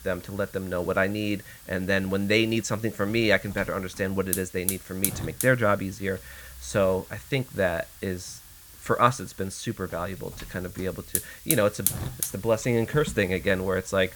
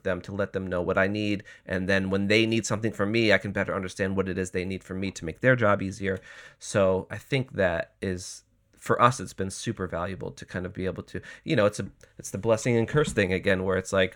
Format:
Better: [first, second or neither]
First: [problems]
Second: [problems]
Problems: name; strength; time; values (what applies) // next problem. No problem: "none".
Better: second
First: hiss; loud; throughout; 7 dB below the speech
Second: none